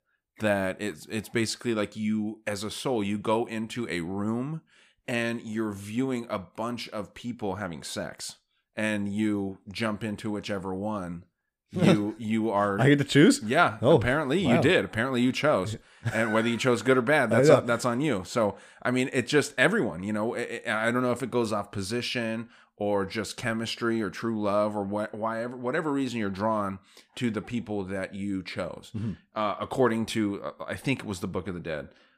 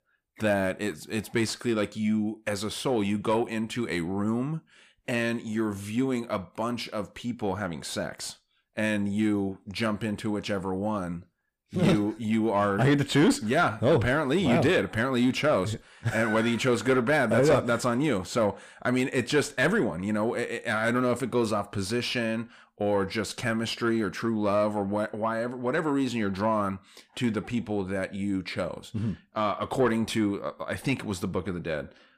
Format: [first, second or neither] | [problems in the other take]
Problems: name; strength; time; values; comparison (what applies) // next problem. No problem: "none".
first | distortion; slight; 10 dB below the speech